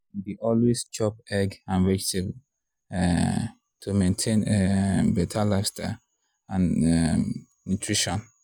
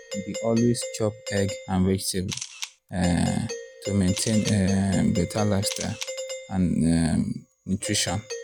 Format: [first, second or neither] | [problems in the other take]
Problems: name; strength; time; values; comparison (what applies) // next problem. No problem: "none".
first | background sound (Doorbell + Camera); 11 dB below the speech